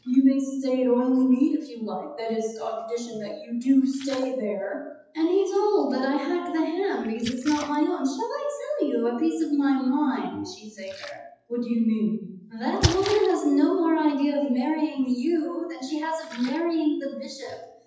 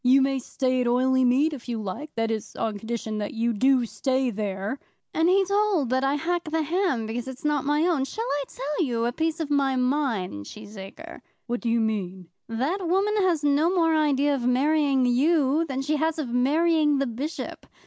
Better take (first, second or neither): second